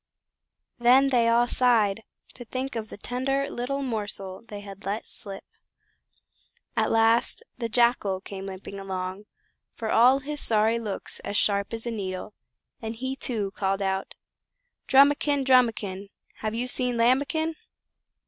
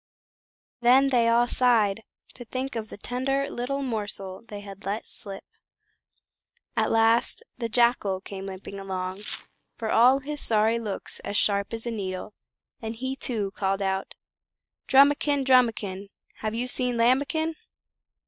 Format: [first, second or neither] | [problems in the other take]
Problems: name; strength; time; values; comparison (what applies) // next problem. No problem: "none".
first | noise reduction (neural mask model DeepFilterNet 3)